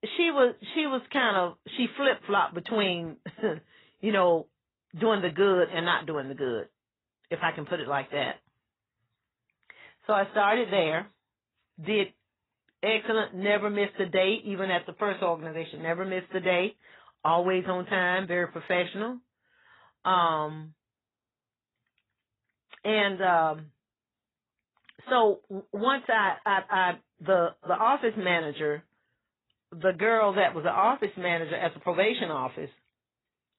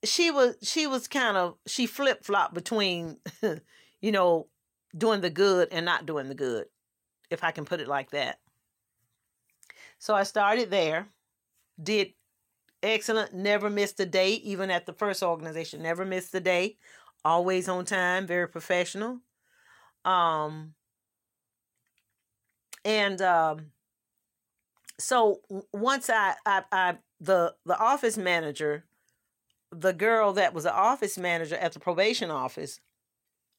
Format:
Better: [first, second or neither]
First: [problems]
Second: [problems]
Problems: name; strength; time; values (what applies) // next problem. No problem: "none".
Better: second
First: garbled, watery; badly; nothing above 4 kHz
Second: none